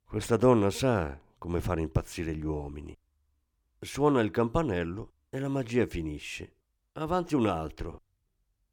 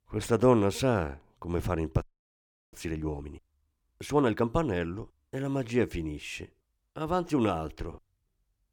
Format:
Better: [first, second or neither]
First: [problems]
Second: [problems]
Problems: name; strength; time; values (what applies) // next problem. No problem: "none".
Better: first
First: none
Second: audio freezing; at 2 s for 0.5 s